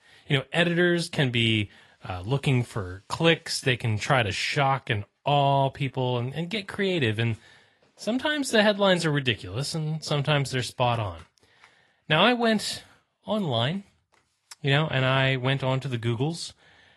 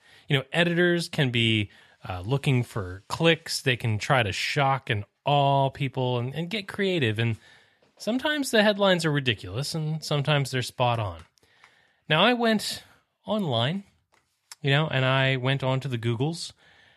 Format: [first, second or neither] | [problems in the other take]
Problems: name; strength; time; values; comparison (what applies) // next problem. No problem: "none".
second | garbled, watery; slightly; nothing above 11.5 kHz